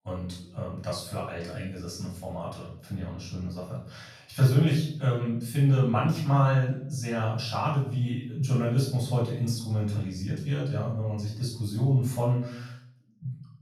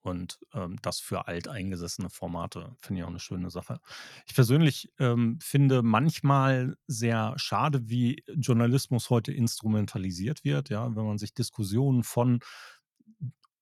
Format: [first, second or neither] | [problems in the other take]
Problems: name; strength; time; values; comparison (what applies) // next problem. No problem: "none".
second | off-mic speech; far // room echo; noticeable; dies away in 0.5 s